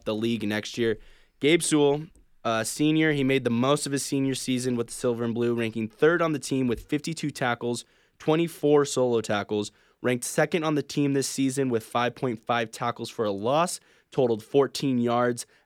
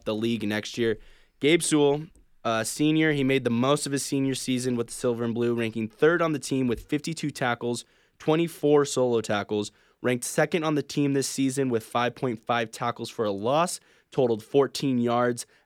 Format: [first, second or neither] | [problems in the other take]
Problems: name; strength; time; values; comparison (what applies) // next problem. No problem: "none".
neither | none